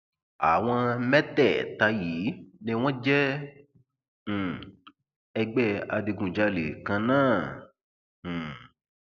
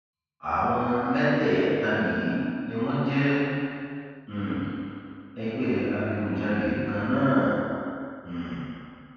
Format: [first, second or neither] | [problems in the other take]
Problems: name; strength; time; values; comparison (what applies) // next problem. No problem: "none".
first | room echo; dies away in 2.1 s